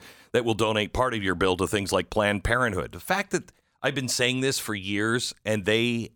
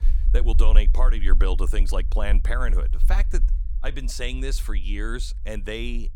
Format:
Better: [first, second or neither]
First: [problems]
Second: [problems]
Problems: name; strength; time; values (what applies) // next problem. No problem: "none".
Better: first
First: none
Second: low rumble; noticeable; throughout; 15 dB below the speech